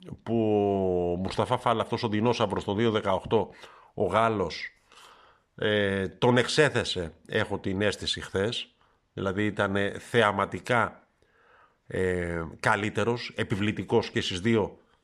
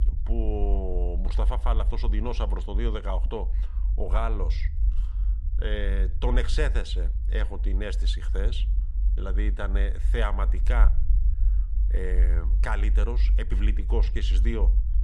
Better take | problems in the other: first | low rumble; noticeable; throughout; 15 dB below the speech

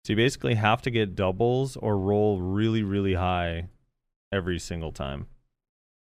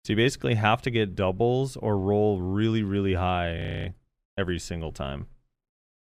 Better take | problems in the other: first | audio freezing; at 3.5 s

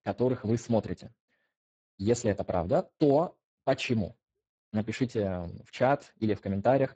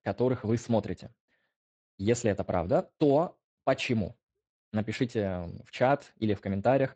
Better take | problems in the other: second | garbled, watery; badly; nothing above 7.5 kHz; slightly in the second

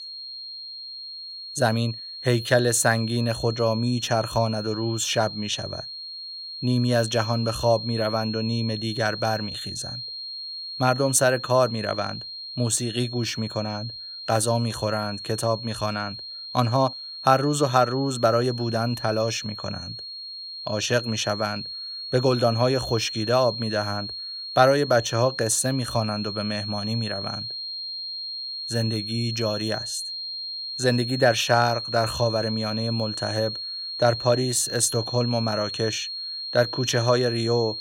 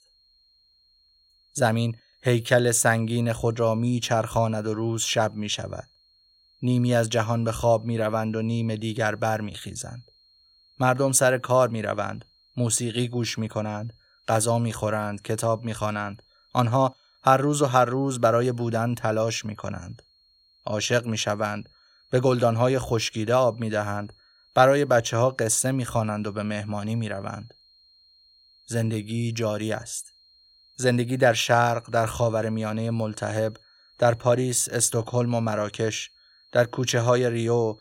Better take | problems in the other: second | high-pitched whine; loud; throughout; 4.5 kHz, 8 dB below the speech; faint in the second

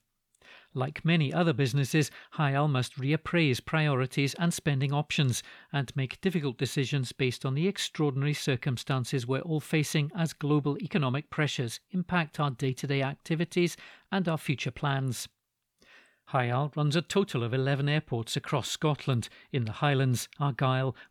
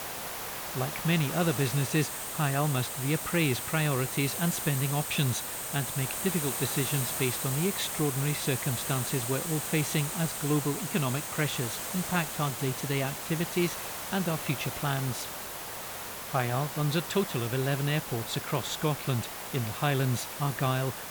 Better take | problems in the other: first | hiss; loud; throughout; 3 dB below the speech

